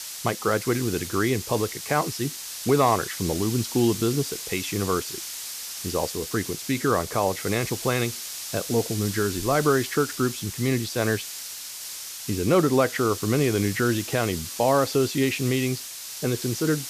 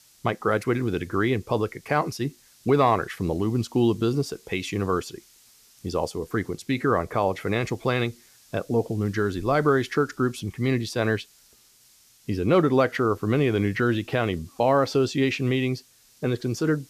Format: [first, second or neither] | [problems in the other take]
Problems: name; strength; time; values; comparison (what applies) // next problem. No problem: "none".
second | hiss; loud; throughout; 7 dB below the speech; faint in the second